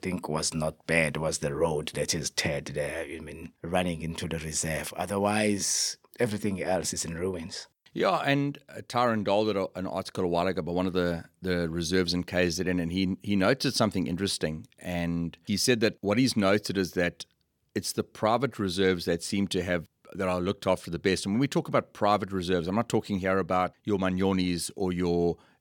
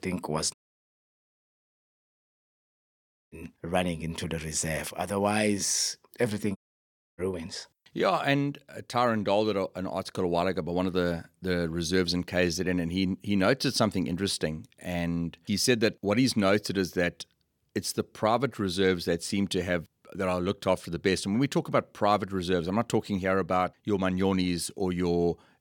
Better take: first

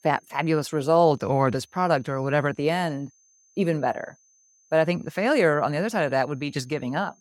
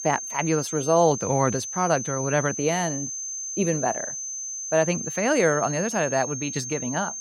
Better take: first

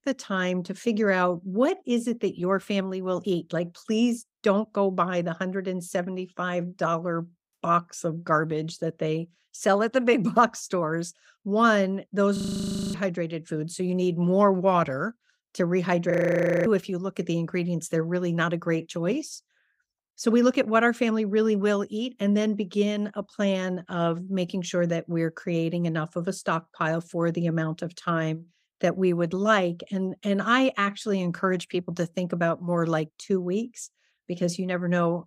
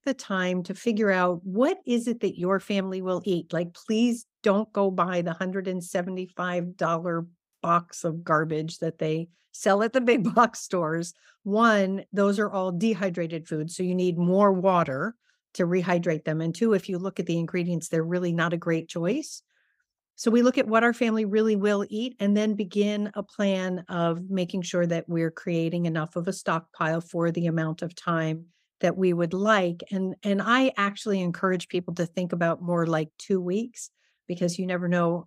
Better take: second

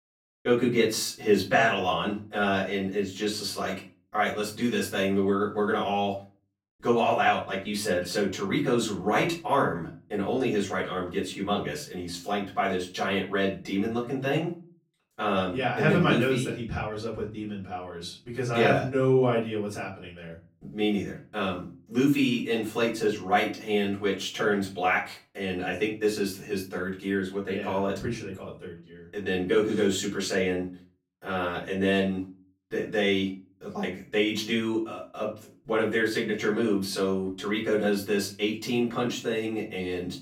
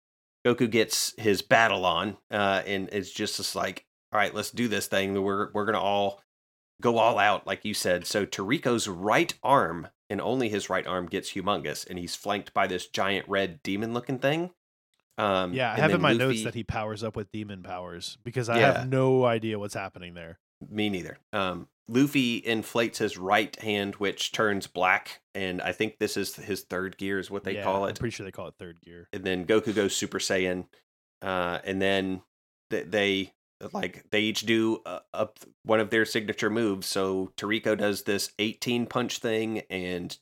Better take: second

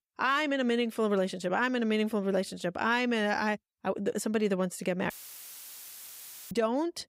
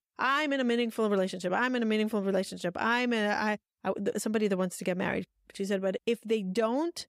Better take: second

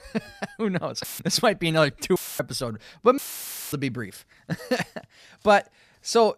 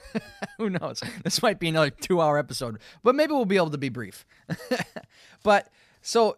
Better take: second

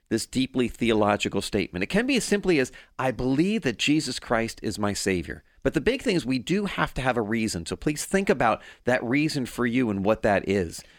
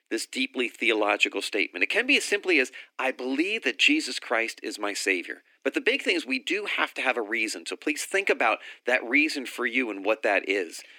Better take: first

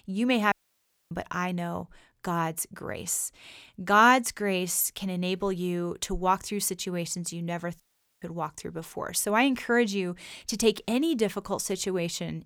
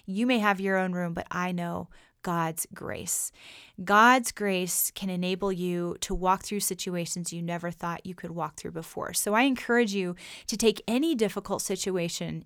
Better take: second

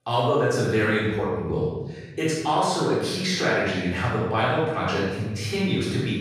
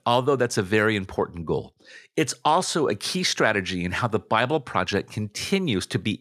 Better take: second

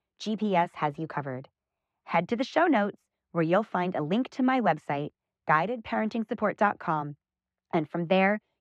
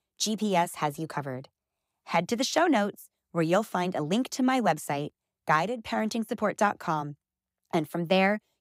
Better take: second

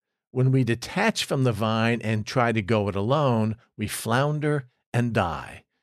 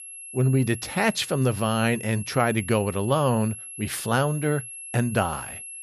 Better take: first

